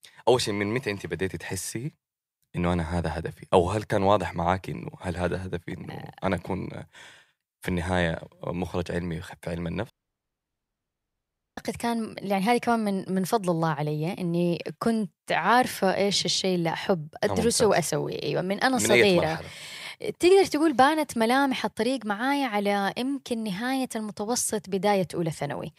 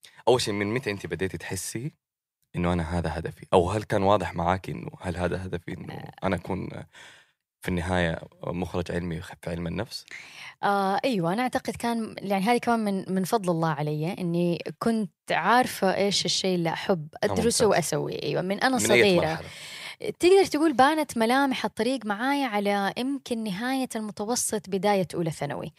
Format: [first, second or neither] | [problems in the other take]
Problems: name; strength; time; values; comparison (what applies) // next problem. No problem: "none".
second | audio cutting out; at 10 s for 1.5 s